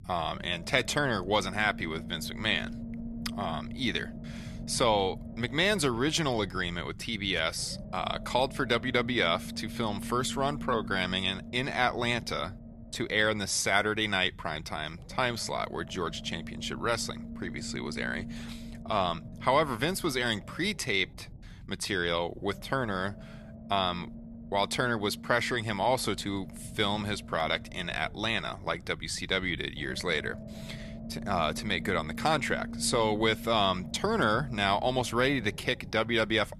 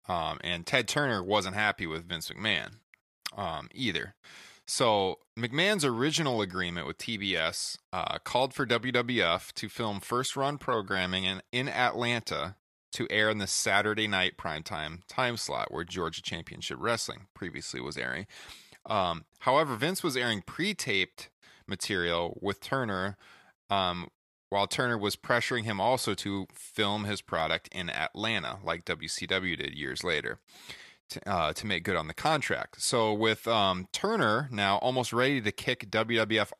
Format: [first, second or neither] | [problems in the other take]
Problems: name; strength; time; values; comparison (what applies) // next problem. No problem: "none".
second | low rumble; faint; throughout; 20 dB below the speech